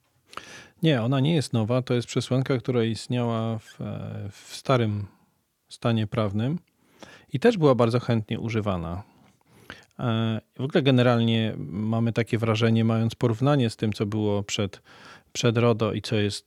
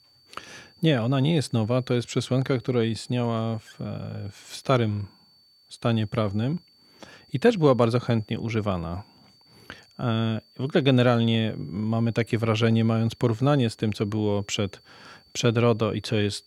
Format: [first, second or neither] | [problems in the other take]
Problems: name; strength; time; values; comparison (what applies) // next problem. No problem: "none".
first | high-pitched whine; faint; throughout; 4.5 kHz, 30 dB below the speech